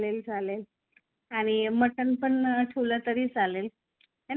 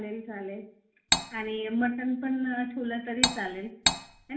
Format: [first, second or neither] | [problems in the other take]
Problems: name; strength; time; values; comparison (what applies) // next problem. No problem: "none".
first | background sound (Cutlery, silverware); 4 dB above the speech // room echo; dies away in 0.5 s